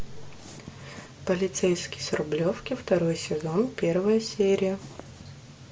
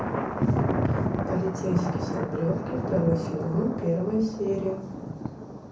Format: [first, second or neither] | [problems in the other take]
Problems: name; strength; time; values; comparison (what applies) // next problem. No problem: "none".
first | background sound (Thunder); as loud as the speech // room echo; dies away in 0.6 s